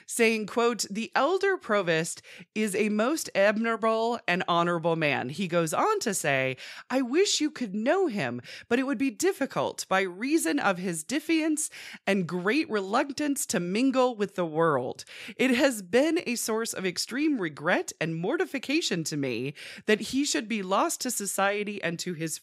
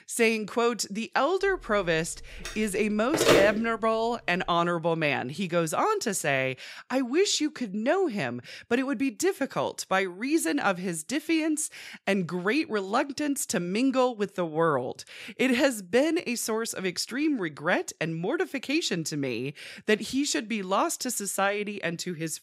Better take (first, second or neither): first